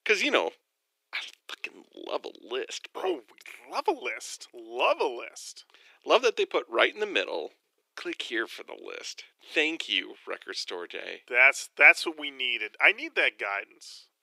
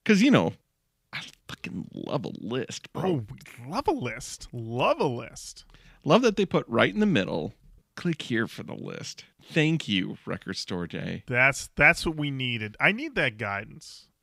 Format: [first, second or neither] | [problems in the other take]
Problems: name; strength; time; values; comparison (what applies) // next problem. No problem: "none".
second | thin; very; fading below 350 Hz